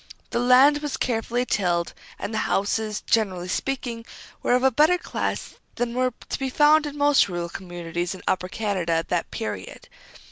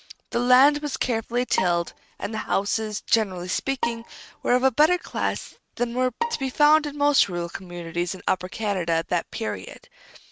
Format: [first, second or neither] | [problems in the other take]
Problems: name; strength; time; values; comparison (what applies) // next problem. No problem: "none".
first | noise reduction (neural mask model RNNoise)